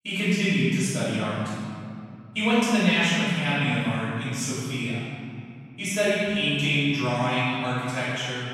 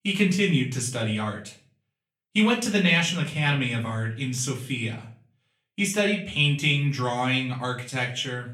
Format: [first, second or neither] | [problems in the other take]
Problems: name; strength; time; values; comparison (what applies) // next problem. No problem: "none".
second | room echo; strong; dies away in 2.2 s; slight in the second // off-mic speech; far; far in the second